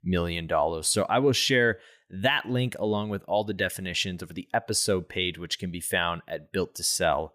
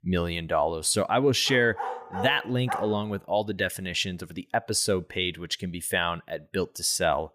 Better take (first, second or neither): first